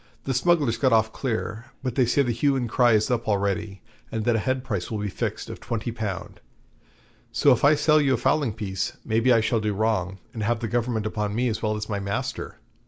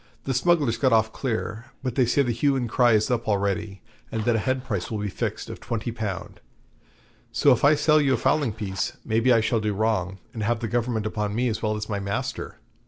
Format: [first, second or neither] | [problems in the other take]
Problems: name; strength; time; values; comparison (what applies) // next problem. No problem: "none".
first | background sound (Zipper (clothing)); 20 dB below the speech